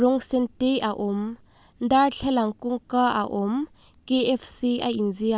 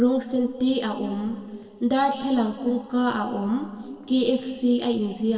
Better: first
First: none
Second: noise reduction (neural separator model SepFormer DNS4)

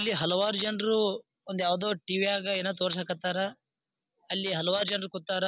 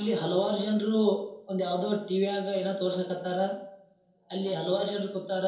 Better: first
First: none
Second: room echo; dies away in 2.8 s

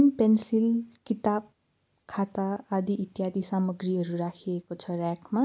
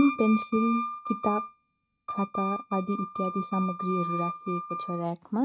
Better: first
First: none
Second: noise reduction (neural mask model RNNoise)

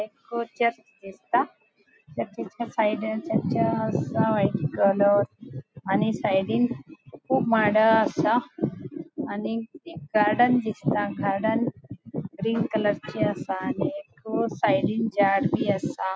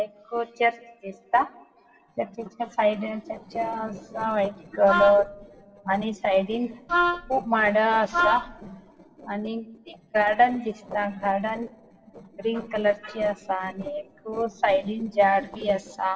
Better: first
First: none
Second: noise reduction (neural separator model SepFormer DNS4)

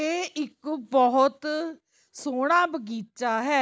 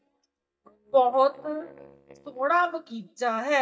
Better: first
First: none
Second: noise reduction (neural mask model DeepFilterNet 3)

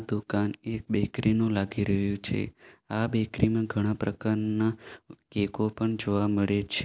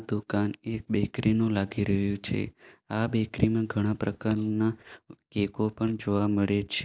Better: first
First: none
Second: noise reduction (neural mask model DeepFilterNet 3)

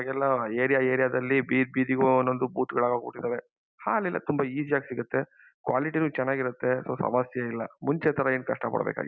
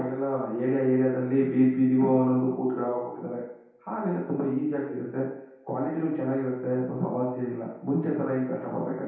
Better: first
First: none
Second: room echo; dies away in 0.8 s

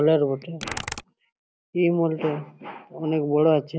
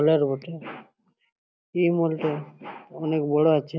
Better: second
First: background sound (Computer keyboard); 14 dB below the speech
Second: none

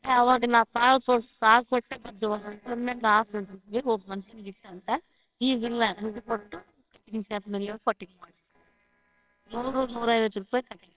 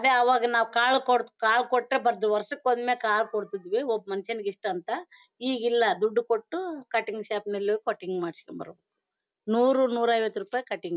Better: second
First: noise reduction (neural separator model SepFormer WHAMR!)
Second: none

